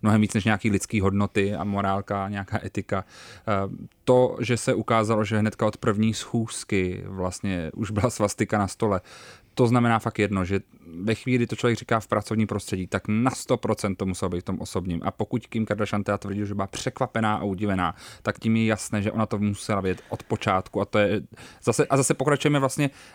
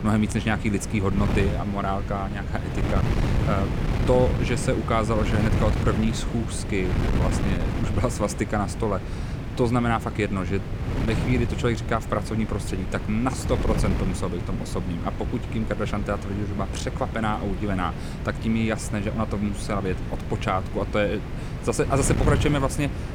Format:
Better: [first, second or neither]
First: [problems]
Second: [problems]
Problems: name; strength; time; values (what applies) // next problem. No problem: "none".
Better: first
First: none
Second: wind noise on the microphone; heavy; 7 dB below the speech